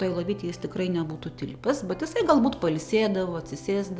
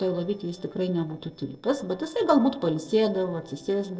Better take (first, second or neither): first